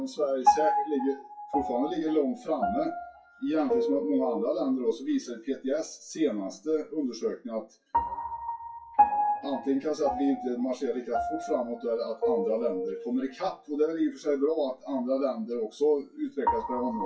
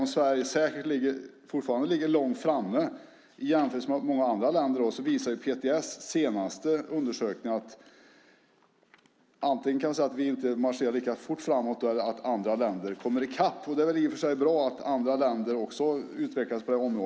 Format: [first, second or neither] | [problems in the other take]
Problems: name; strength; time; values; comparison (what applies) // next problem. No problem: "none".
second | noise reduction (classical method WPE with log-MMSE)